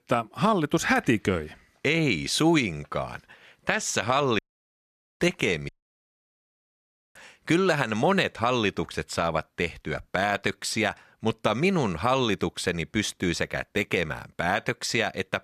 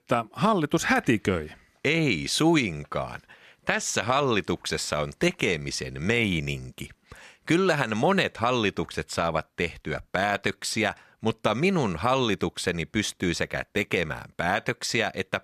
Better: second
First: audio cutting out; at 4.5 s for 1 s and at 5.5 s for 1.5 s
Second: none

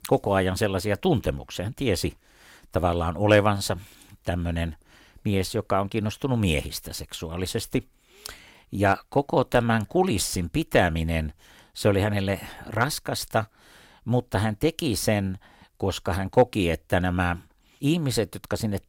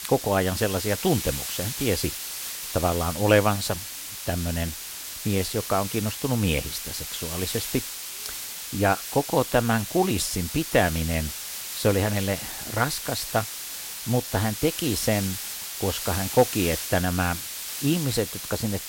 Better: first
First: none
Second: hiss; loud; throughout; 5 dB below the speech

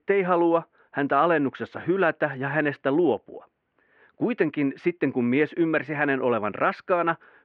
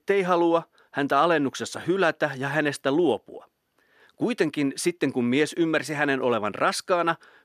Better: second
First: muffled; very; fading above 2.5 kHz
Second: none

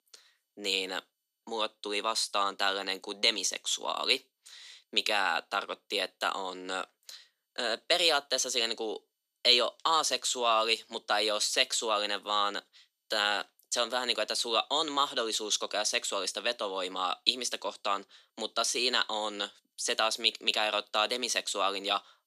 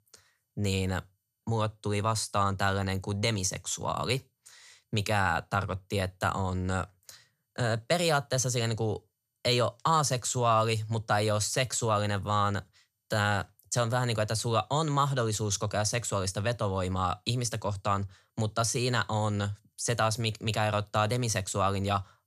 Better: second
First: thin; very; fading below 250 Hz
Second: none

